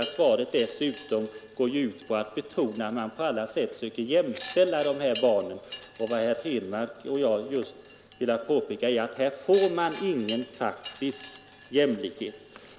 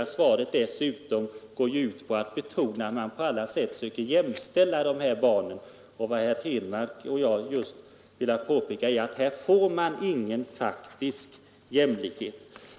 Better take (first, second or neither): second